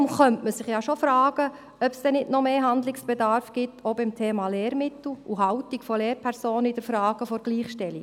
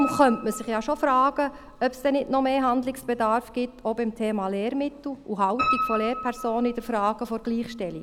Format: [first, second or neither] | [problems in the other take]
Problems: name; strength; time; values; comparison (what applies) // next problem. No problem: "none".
first | background sound (Piano); 10 dB below the speech